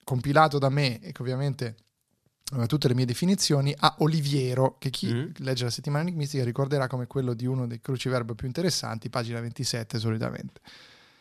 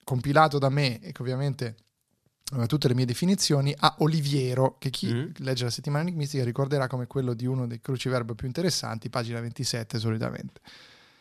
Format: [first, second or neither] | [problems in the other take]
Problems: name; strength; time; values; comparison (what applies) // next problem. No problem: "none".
neither | none